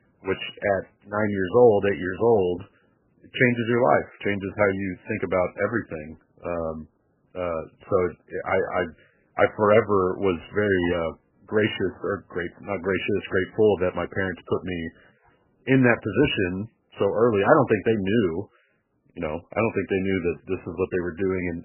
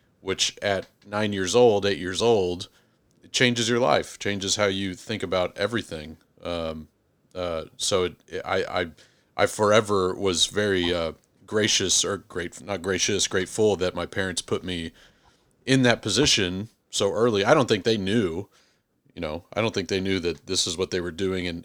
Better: second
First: garbled, watery; badly; nothing above 3 kHz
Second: none

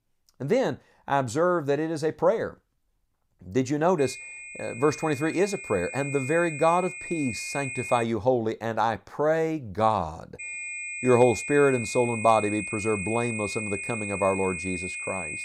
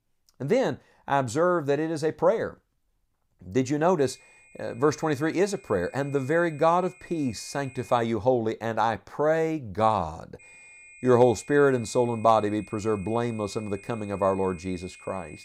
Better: second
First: high-pitched whine; loud; from 4 to 8 s and from 10 s on; 2.5 kHz, 7 dB below the speech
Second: high-pitched whine; faint; from 4 to 8 s and from 10 s on; 2.5 kHz, 25 dB below the speech

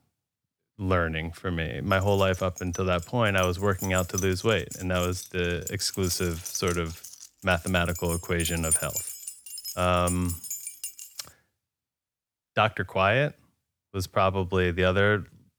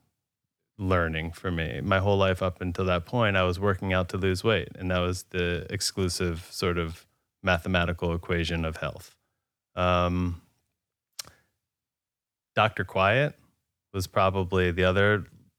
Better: second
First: jangling keys; loud; from 2.5 to 11 s; peak 2 dB above the speech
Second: none

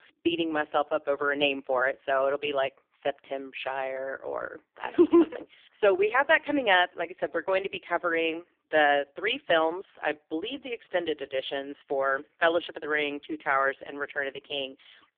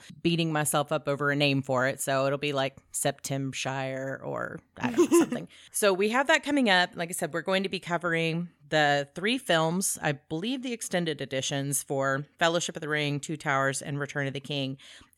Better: second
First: phone-call audio; poor line; nothing above 3.5 kHz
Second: none

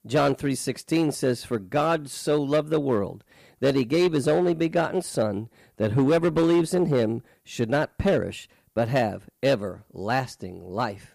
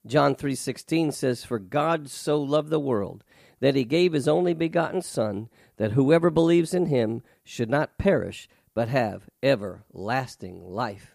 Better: second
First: distortion; slight; 6% of the sound clipped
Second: none

